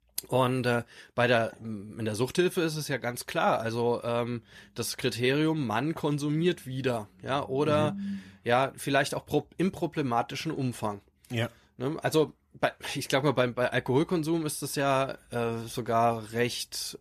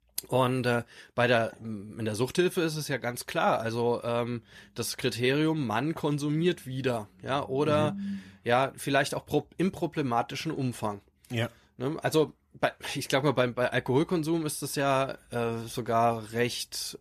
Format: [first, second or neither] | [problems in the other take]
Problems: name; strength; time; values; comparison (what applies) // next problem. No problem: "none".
neither | none